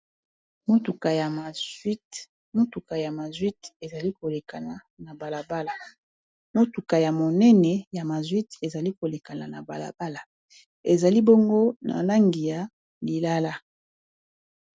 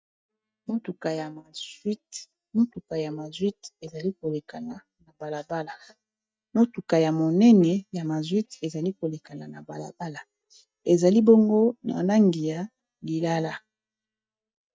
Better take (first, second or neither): first